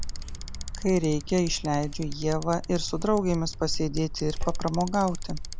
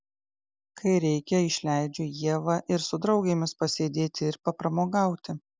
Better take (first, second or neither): second